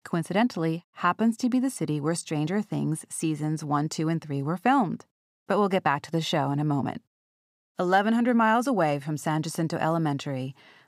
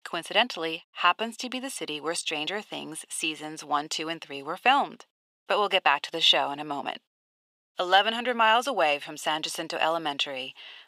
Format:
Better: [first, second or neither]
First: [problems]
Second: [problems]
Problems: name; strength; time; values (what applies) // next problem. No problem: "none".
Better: first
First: none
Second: thin; very; fading below 600 Hz